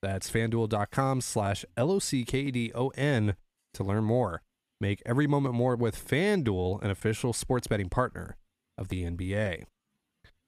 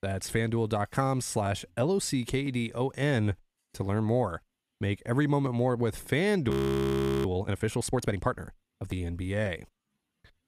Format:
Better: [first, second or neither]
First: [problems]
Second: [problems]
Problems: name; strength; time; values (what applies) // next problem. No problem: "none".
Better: first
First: none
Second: audio freezing; at 6.5 s for 1 s